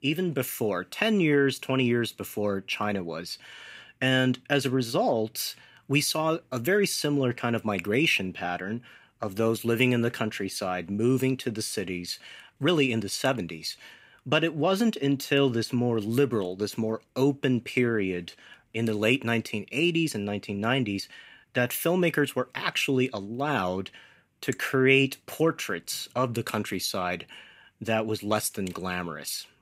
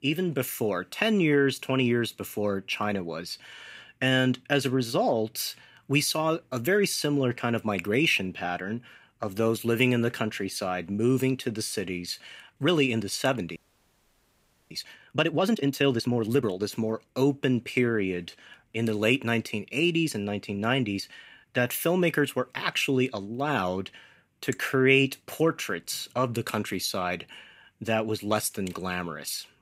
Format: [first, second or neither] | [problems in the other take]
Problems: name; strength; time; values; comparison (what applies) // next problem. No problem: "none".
first | audio freezing; at 14 s for 1 s